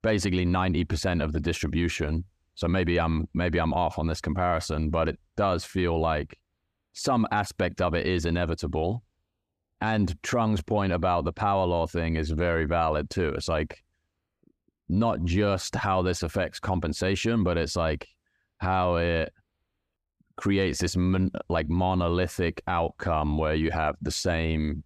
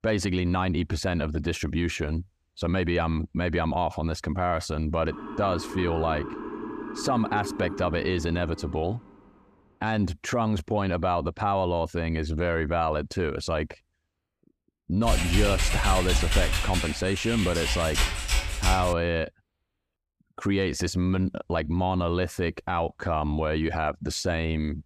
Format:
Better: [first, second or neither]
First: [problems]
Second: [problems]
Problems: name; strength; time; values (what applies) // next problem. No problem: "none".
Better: first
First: none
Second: siren; noticeable; from 5 to 9 s; peak 7 dB below the speech // keyboard typing; loud; from 15 to 19 s; peak 2 dB above the speech